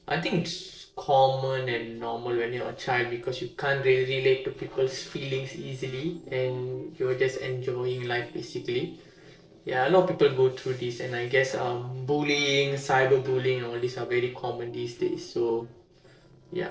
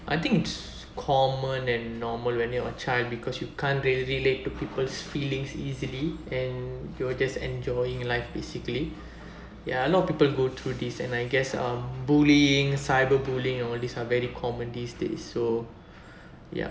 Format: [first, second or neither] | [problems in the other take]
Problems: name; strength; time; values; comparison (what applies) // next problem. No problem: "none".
second | noise reduction (neural separator model SepFormer DNS4)